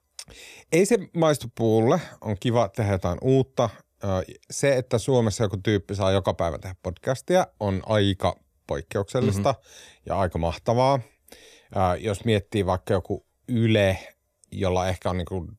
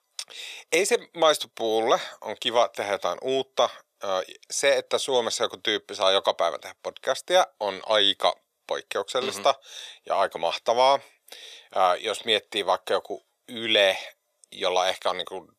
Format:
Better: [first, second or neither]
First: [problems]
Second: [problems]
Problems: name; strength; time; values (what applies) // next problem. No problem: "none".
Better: first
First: none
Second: thin; very; fading below 650 Hz